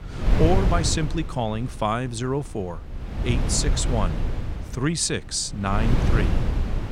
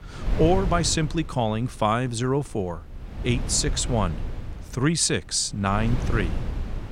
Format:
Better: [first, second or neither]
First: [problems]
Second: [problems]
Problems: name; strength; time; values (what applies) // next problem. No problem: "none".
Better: second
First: wind noise on the microphone; heavy; 6 dB below the speech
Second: wind noise on the microphone; occasional gusts; 15 dB below the speech